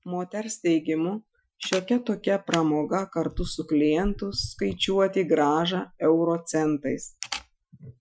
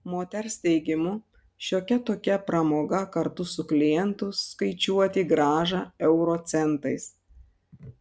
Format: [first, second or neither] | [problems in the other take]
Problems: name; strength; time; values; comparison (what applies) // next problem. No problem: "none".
second | noise reduction (classical method Wiener filter)